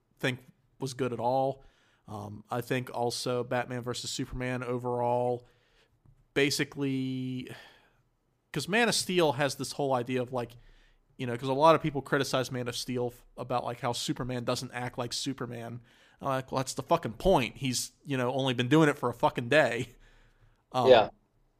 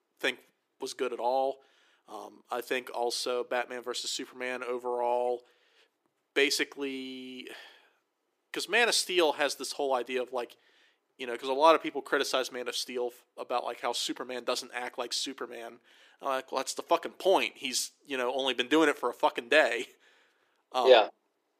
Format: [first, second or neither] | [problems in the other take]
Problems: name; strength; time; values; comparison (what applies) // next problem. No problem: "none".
first | thin; somewhat; fading below 350 Hz